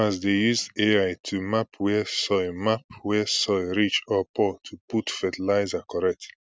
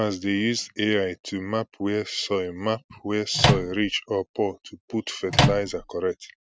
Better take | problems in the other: first | background sound (Microwave oven); 4 dB above the speech

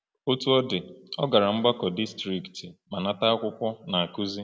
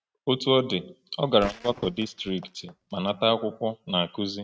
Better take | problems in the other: first | noise reduction (neural mask model RNNoise)

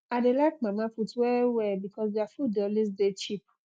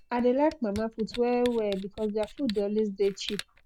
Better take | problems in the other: first | background sound (Camera); 17 dB below the speech

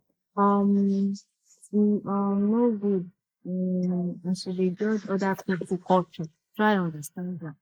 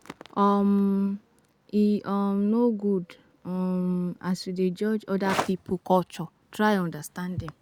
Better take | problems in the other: second | noise reduction (neural mask model Resemble Enhance denoiser)

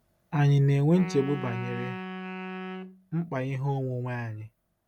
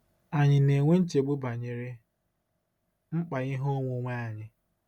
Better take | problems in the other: second | background sound (Wind instrument, woodwind instrument); 11 dB below the speech

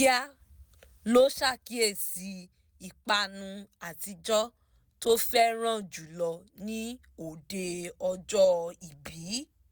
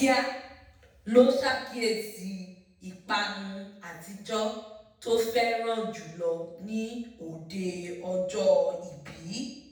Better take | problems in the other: first | room echo; dies away in 0.8 s

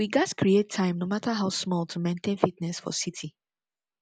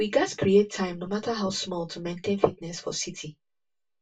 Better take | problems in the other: first | room echo; dies away in 0.1 s

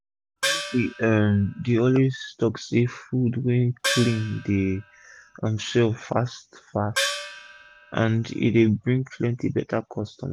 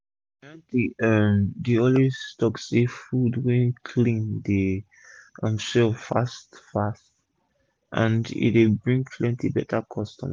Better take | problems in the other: second | background sound (Gong); 8 dB below the speech

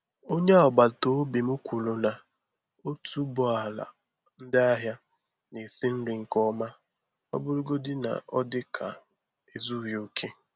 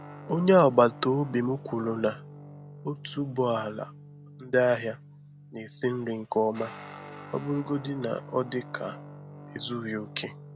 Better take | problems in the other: first | background sound (Guitar); 16 dB below the speech

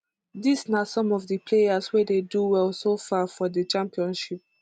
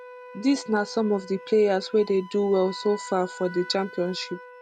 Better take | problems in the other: first | background sound (Wind instrument, woodwind instrument); 17 dB below the speech

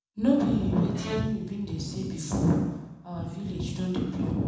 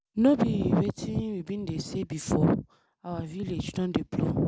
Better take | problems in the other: second | background sound (Bowed string instrument); 13 dB below the speech // room echo; dies away in 1 s

